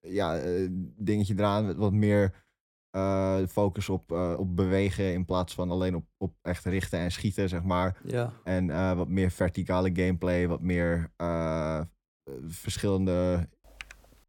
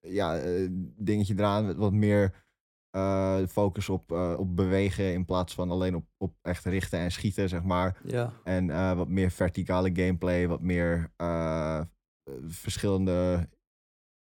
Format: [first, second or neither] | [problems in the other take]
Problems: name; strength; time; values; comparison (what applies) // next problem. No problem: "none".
second | keyboard typing; faint; at 14 s; peak 15 dB below the speech